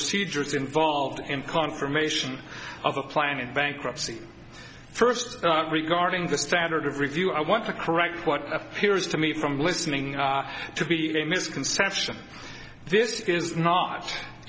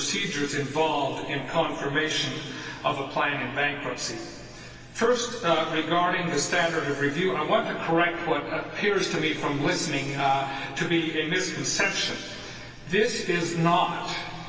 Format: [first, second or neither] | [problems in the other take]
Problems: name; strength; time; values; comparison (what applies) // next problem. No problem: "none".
first | room echo; dies away in 2.5 s